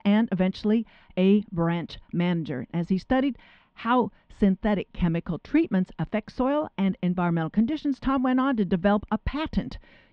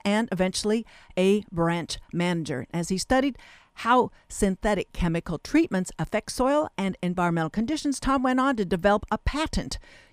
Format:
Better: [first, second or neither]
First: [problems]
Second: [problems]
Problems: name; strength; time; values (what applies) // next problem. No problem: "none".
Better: second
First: muffled; slightly; fading above 3.5 kHz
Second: none